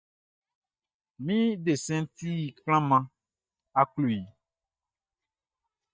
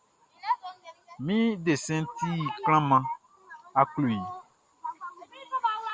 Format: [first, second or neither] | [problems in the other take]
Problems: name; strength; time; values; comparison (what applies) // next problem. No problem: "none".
second | noise reduction (neural mask model DeepFilterNet 3)